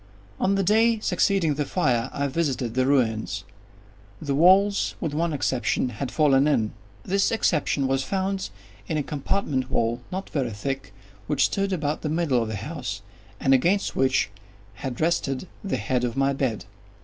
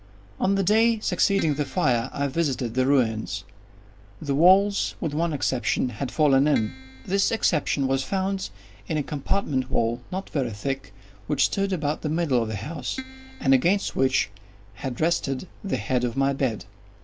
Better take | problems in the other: first | background sound (Keyboard (musical)); 15 dB below the speech

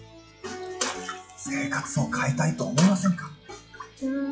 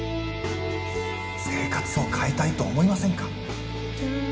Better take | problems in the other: second | noise reduction (classical method log-MMSE)

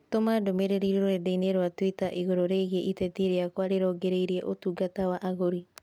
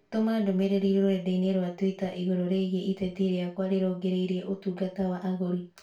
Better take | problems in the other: first | room echo; dies away in 0.3 s

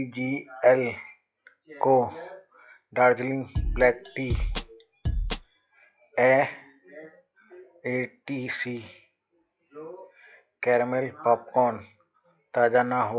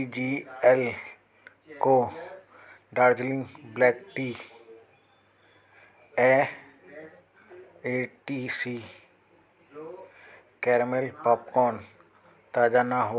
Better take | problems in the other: second | noise reduction (classical method log-MMSE)

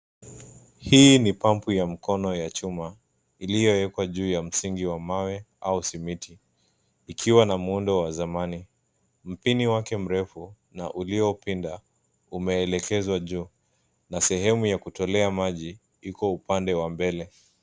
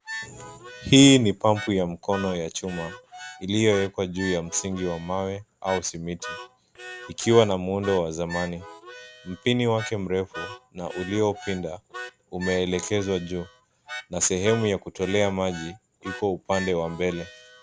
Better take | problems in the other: first | background sound (Harmonica); 15 dB below the speech

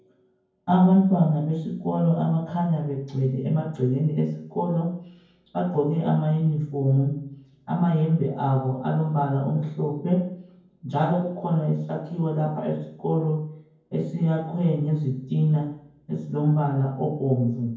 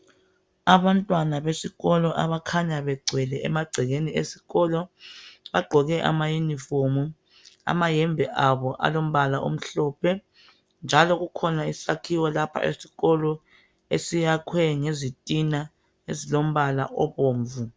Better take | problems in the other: second | room echo; dies away in 0.9 s

